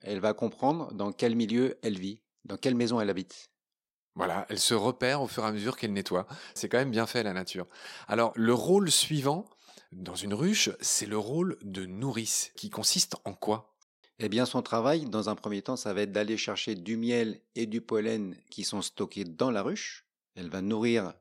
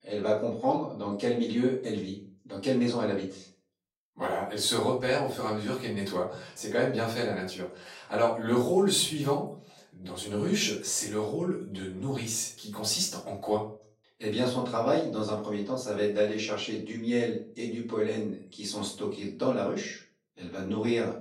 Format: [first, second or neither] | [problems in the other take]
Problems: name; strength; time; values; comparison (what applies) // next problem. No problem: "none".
first | off-mic speech; far // room echo; noticeable; dies away in 0.4 s